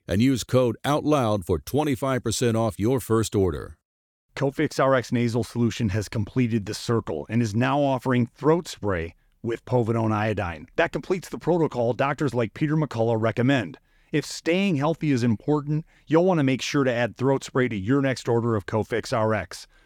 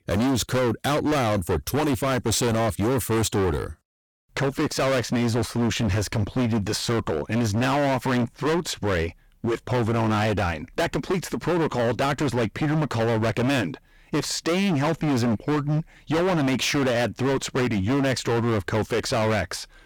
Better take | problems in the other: first | distortion; heavy; 30% of the sound clipped

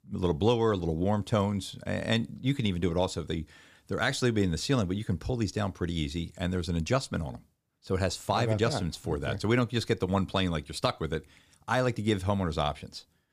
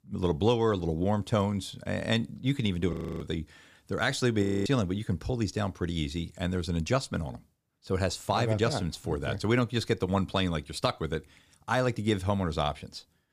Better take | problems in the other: first | audio freezing; at 3 s and at 4.5 s

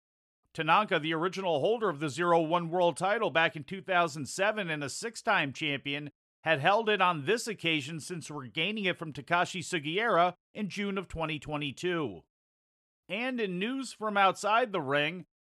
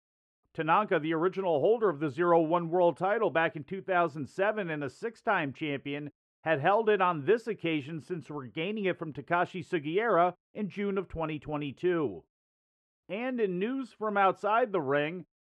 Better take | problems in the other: first | muffled; very; fading above 3 kHz

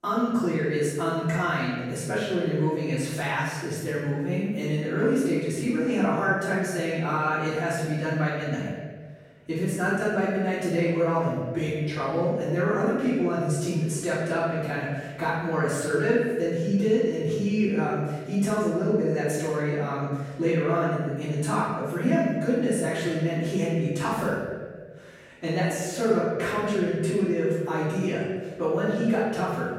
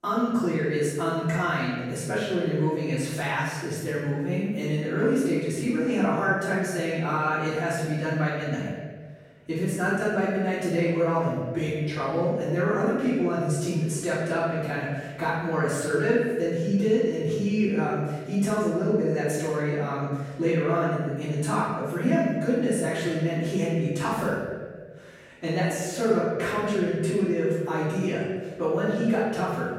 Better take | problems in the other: neither | room echo; strong; dies away in 1.3 s; the same in both // off-mic speech; far; the same in both

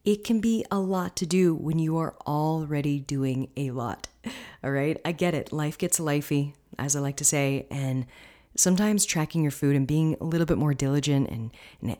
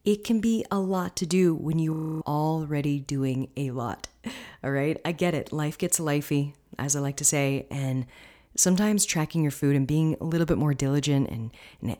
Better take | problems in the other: first | audio freezing; at 2 s

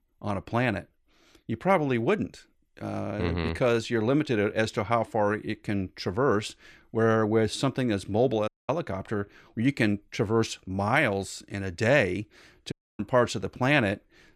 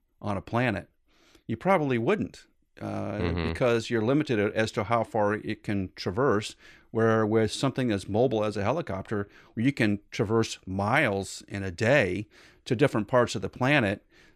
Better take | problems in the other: second | audio cutting out; at 8.5 s and at 13 s

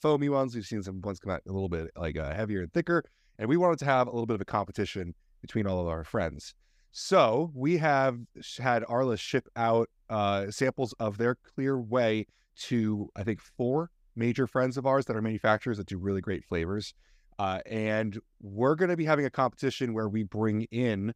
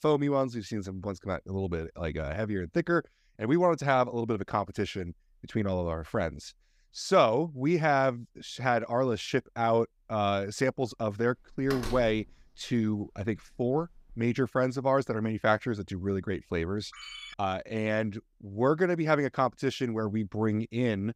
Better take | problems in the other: first | door banging; noticeable; from 12 to 14 s; peak 8 dB below the speech // phone ringing; faint; at 17 s; peak 10 dB below the speech

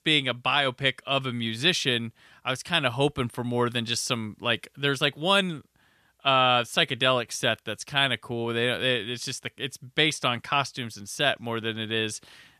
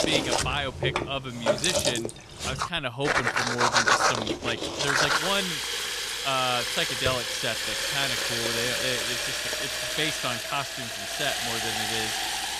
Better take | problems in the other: first | household noises; very loud; throughout; 4 dB above the speech

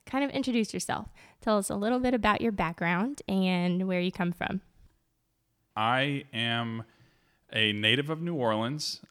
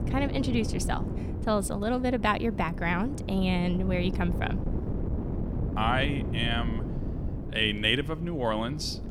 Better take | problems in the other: first | wind noise on the microphone; occasional gusts; 10 dB below the speech

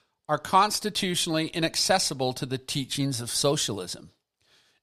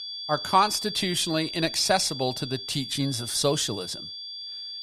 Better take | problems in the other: first | high-pitched whine; loud; throughout; 4.5 kHz, 8 dB below the speech

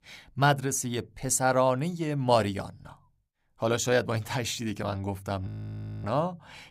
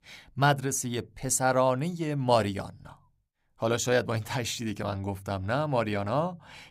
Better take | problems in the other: second | audio freezing; at 5.5 s for 0.5 s

